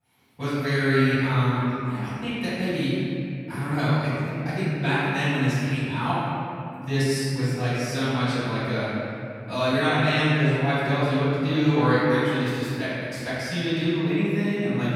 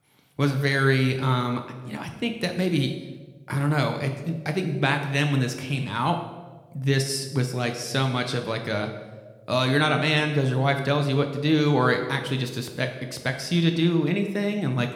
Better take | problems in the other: second | room echo; strong; dies away in 2.5 s; slight in the second // off-mic speech; far

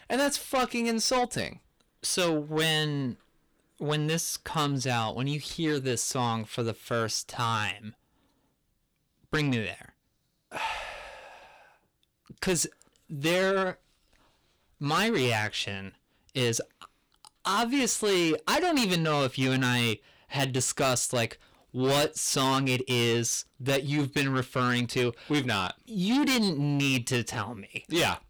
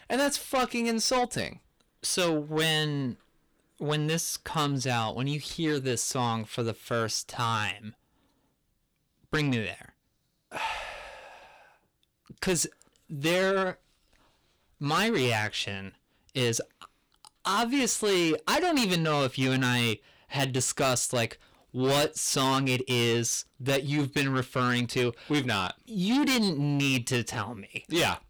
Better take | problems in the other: neither | distortion; heavy; 6 dB below the speech; the same in both

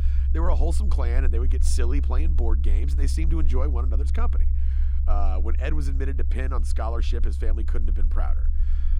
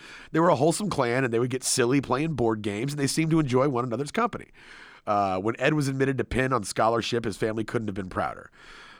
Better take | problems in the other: second | low rumble; loud; throughout; 9 dB below the speech

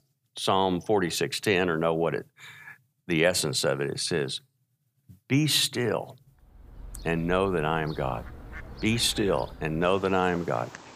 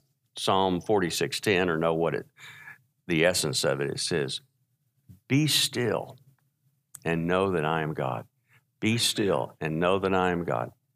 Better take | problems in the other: second | animal sounds; noticeable; from 6.5 s on; 20 dB below the speech

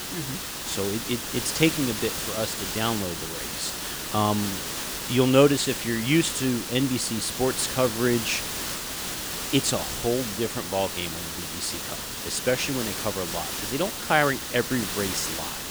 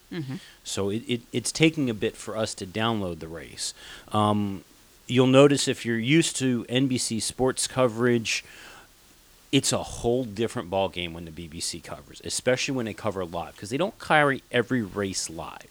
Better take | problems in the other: second | hiss; loud; throughout; 4 dB below the speech; faint in the second

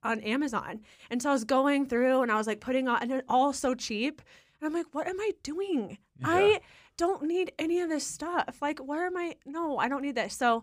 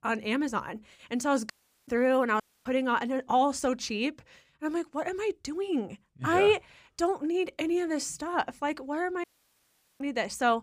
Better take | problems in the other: first | audio cutting out; at 1.5 s, at 2.5 s and at 9 s for 1 s

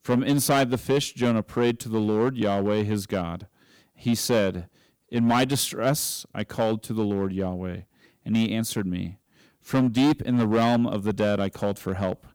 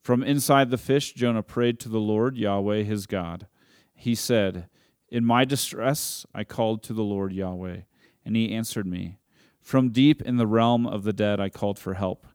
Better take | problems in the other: second | distortion; slight; 6% of the sound clipped

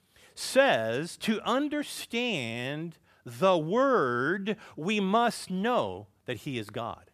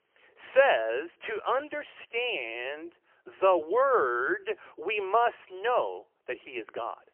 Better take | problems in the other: first | phone-call audio; poor line; nothing above 3 kHz

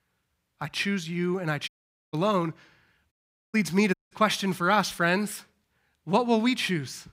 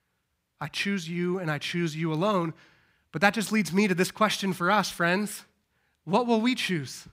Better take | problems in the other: second | audio cutting out; at 1.5 s, at 3 s and at 4 s

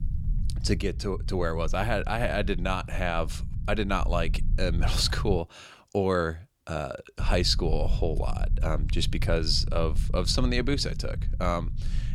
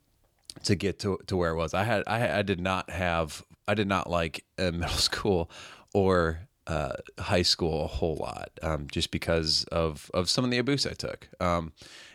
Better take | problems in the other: second | low rumble; noticeable; until 5.5 s and from 7 s on; 20 dB below the speech

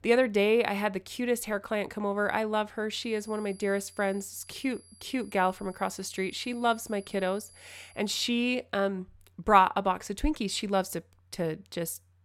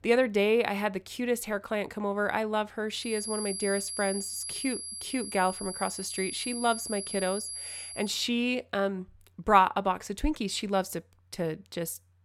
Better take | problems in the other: first | high-pitched whine; loud; from 3 to 8 s; 11 kHz, 6 dB below the speech; faint in the first

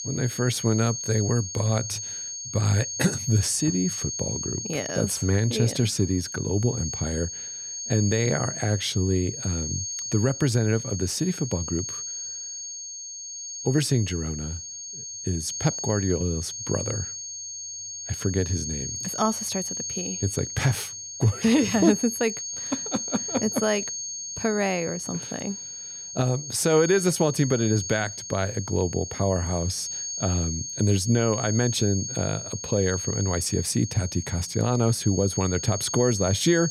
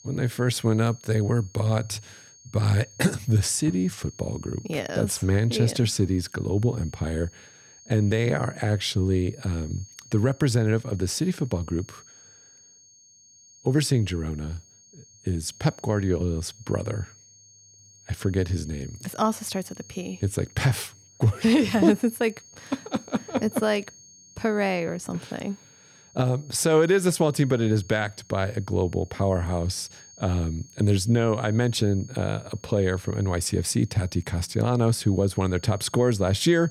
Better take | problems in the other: second | high-pitched whine; loud; throughout; 6.5 kHz, 5 dB below the speech; faint in the second

